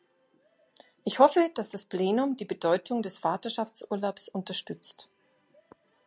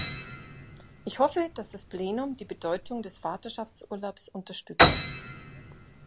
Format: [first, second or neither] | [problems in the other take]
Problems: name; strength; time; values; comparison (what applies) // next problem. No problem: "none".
first | background sound (Piano); 2 dB above the speech